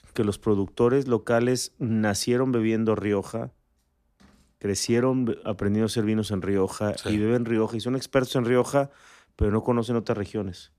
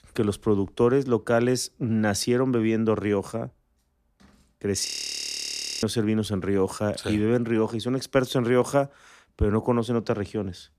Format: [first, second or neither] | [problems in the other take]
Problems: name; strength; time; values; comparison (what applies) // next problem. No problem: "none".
first | audio freezing; at 5 s for 1 s